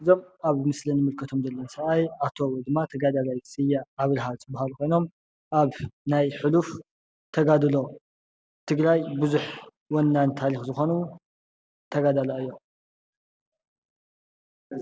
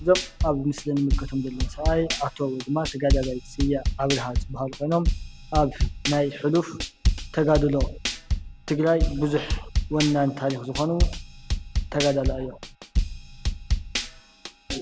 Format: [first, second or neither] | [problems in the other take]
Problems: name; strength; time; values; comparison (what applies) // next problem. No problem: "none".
first | background sound (Drum / Drum kit); 2 dB below the speech